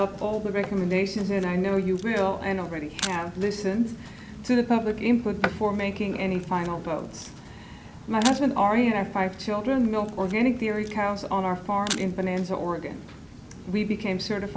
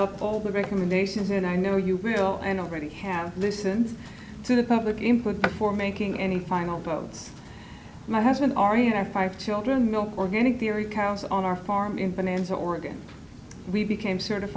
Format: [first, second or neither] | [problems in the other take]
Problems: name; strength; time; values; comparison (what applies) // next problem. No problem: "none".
second | background sound (Camera); 16 dB below the speech